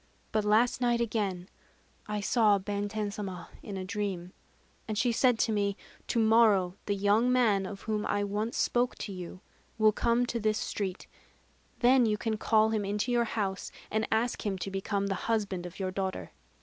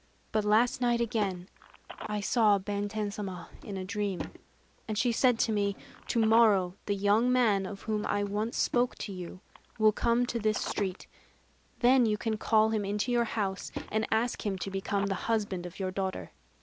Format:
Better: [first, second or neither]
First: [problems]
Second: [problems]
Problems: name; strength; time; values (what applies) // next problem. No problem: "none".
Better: first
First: none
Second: background sound (Drawer open or close / Wood + Telephone); 17 dB below the speech